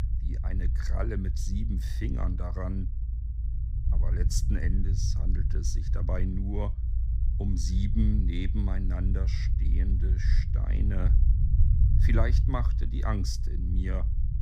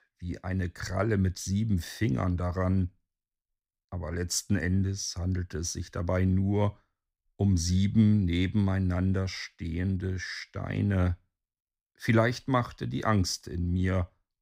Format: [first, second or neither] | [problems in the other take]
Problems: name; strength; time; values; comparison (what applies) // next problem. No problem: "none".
second | low rumble; loud; throughout; 7 dB below the speech